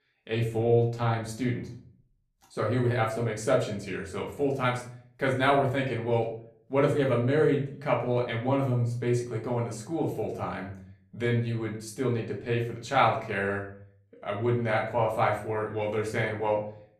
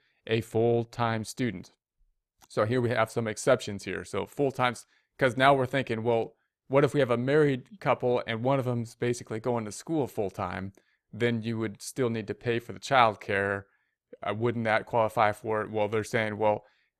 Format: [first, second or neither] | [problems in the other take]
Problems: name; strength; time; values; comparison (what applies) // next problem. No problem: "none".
second | off-mic speech; far // room echo; slight; dies away in 0.5 s